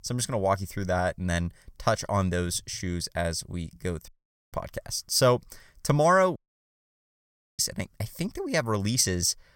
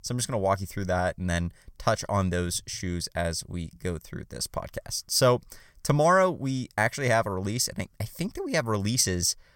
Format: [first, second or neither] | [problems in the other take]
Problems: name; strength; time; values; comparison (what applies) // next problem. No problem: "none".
second | audio cutting out; at 4 s and at 6.5 s for 1 s